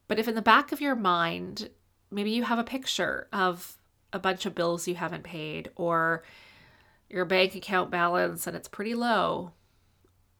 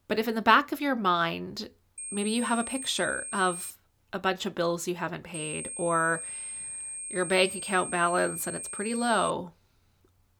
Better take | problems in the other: first | high-pitched whine; loud; from 2 to 3.5 s and from 5.5 to 9.5 s; 8.5 kHz, 7 dB below the speech

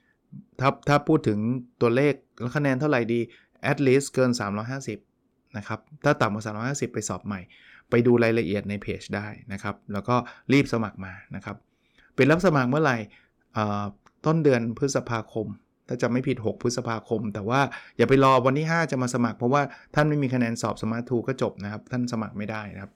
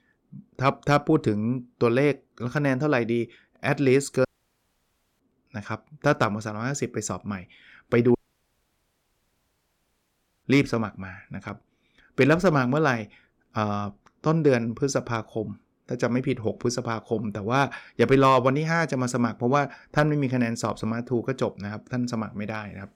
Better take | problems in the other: first | audio cutting out; at 4.5 s for 1 s and at 8 s for 2.5 s

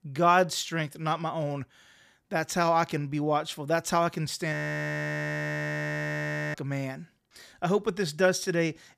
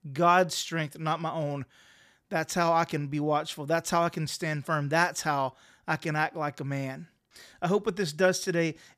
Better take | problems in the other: second | audio freezing; at 4.5 s for 2 s

